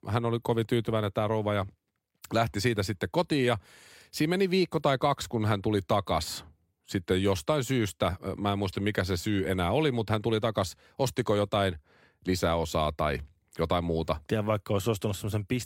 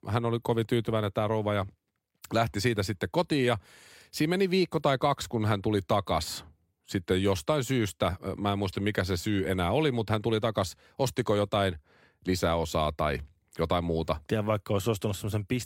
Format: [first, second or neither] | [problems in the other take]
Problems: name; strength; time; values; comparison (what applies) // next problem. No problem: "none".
neither | none